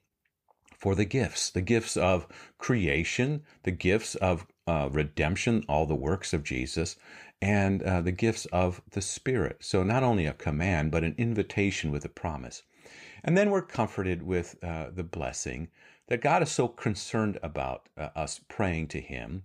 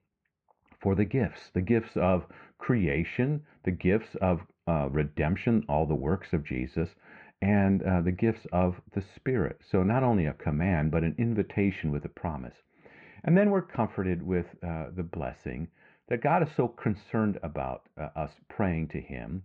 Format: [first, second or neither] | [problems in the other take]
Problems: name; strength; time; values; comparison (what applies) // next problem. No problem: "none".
first | muffled; very; fading above 2 kHz